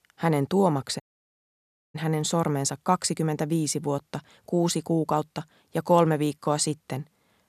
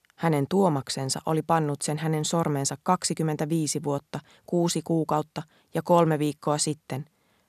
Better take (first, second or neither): second